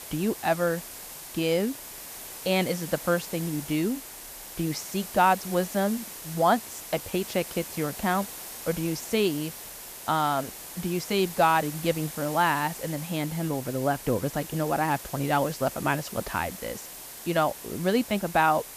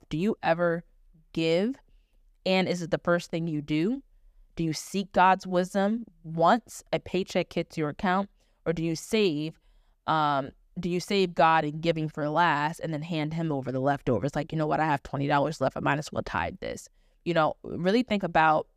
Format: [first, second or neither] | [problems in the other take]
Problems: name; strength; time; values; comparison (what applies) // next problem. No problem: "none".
second | hiss; noticeable; throughout; 10 dB below the speech